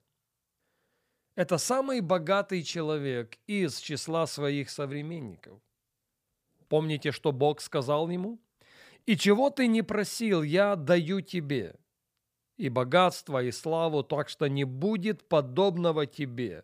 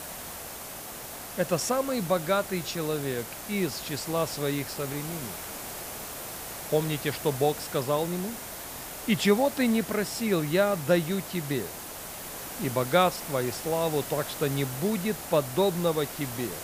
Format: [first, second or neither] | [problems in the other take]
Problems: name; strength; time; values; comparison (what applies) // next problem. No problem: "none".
first | hiss; loud; throughout; 8 dB below the speech